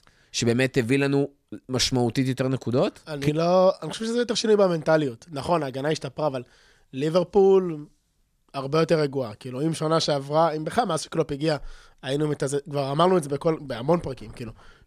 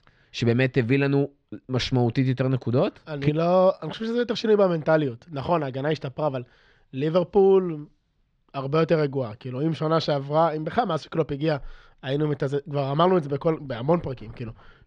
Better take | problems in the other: first | muffled; slightly; fading above 3.5 kHz

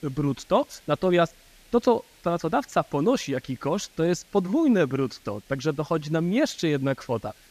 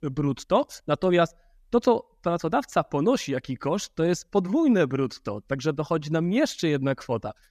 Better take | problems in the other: second | hiss; faint; throughout; 30 dB below the speech

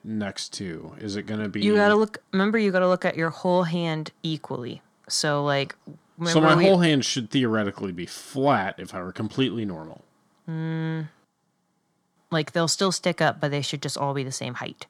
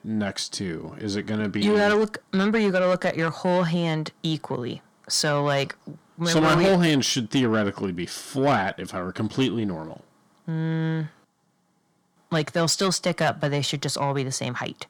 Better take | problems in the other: first | distortion; slight; 10 dB below the speech

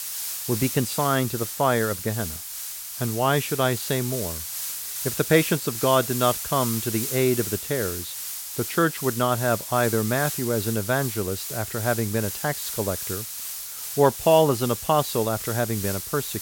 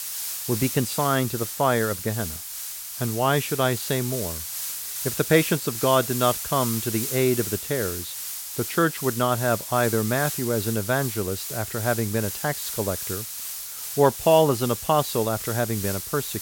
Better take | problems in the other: neither | hiss; loud; throughout; 5 dB below the speech; the same in both

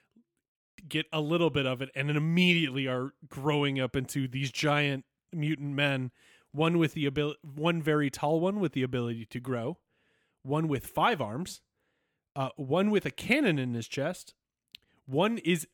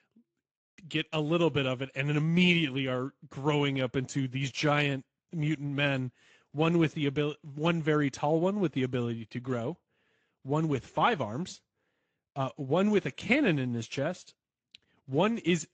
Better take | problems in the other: first | garbled, watery; slightly; nothing above 7.5 kHz

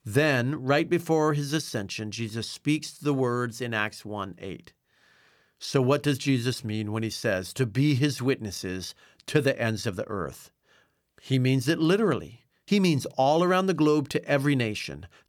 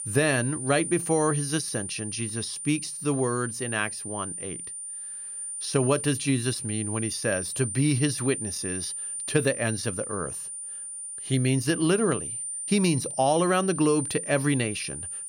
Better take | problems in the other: first | high-pitched whine; loud; throughout; 9 kHz, 5 dB below the speech

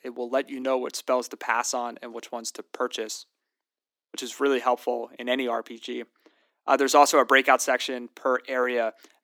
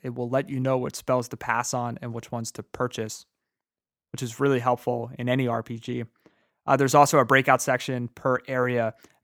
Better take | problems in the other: second | thin; very slightly; fading below 250 Hz

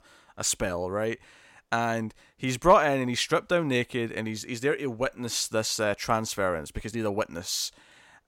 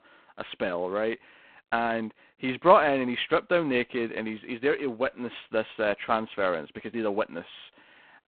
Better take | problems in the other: first | phone-call audio; poor line; nothing above 3.5 kHz

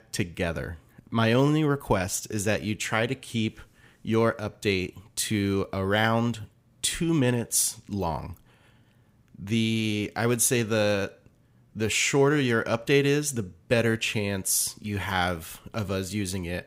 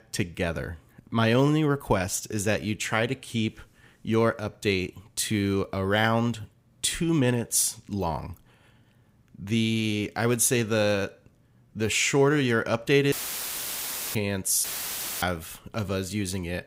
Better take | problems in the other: first | audio cutting out; filled with static; at 13 s for 1 s and at 15 s for 0.5 s

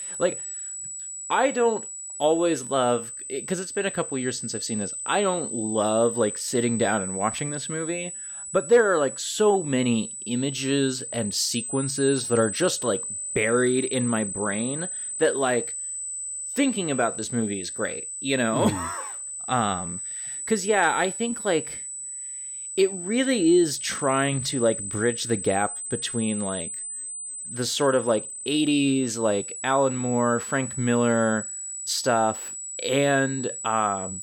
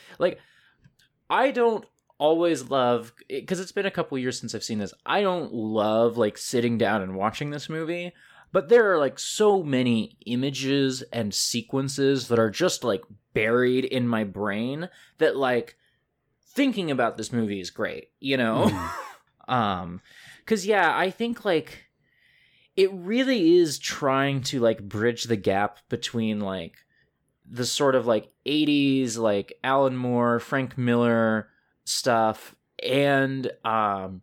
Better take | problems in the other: second | high-pitched whine; loud; throughout; 8 kHz, 6 dB below the speech

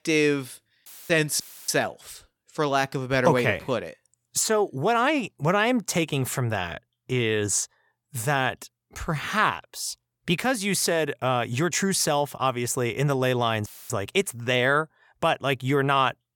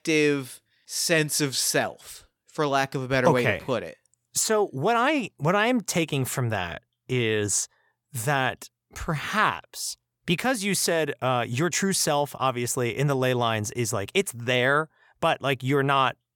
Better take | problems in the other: second | audio cutting out; filled with static; at 1 s, at 1.5 s and at 14 s

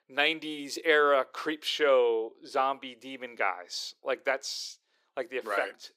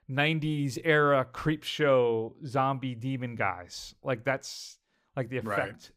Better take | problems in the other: second | thin; somewhat; fading below 350 Hz

